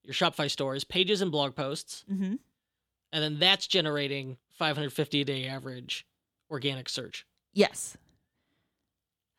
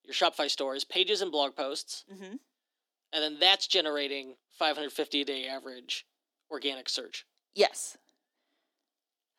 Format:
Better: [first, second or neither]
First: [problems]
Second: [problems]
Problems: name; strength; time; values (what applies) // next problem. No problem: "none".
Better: first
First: none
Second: thin; somewhat; fading below 250 Hz